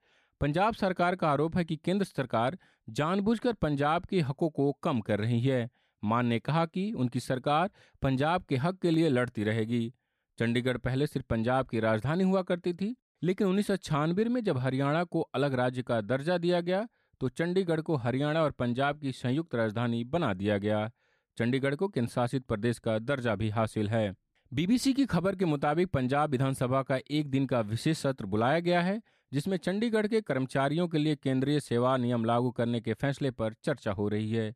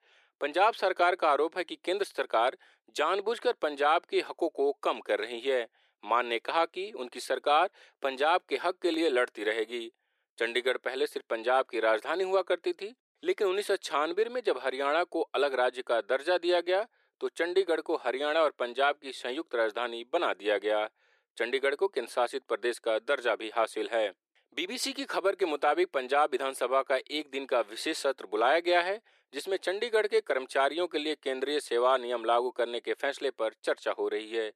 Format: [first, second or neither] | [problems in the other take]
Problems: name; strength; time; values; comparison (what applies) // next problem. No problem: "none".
first | thin; very; fading below 350 Hz